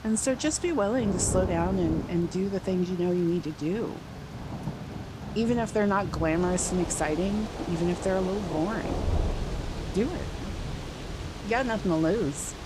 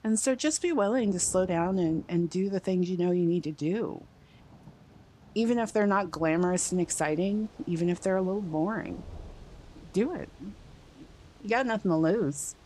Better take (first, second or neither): second